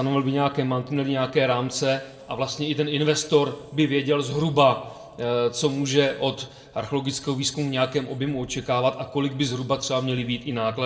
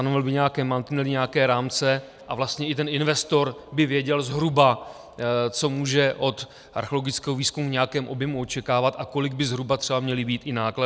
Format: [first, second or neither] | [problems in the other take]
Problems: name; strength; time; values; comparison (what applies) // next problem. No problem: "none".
second | room echo; dies away in 0.7 s